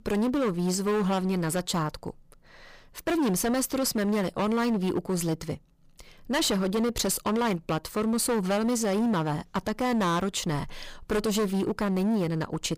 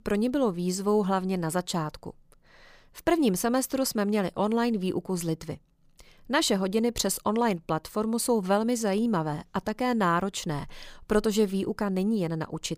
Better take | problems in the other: second | distortion; heavy; 18% of the sound clipped

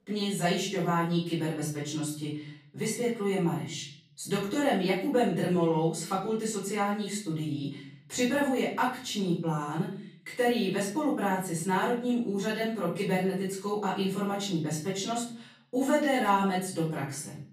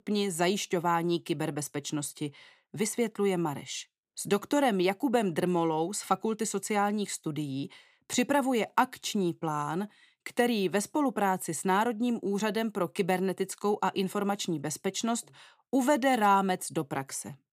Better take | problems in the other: second | off-mic speech; far // room echo; noticeable; dies away in 0.6 s

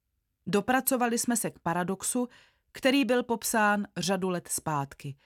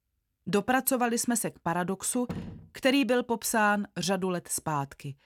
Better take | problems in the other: first | door banging; faint; at 2 s; peak 10 dB below the speech

